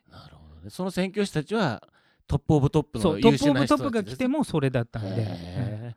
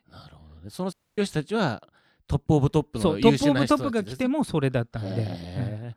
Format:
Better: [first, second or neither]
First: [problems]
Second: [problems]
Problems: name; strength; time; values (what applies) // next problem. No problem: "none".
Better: first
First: none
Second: audio cutting out; at 1 s